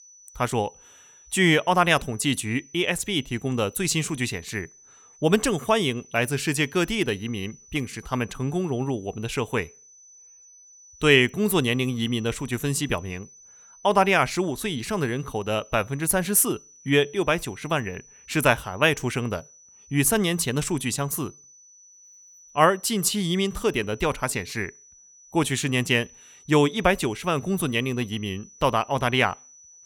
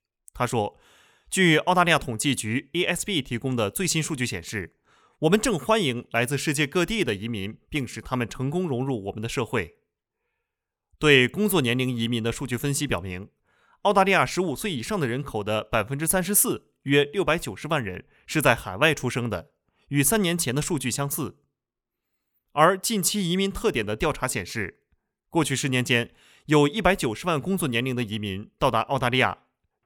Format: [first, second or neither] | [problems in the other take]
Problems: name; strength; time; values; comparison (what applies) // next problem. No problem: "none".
second | high-pitched whine; faint; throughout; 6 kHz, 25 dB below the speech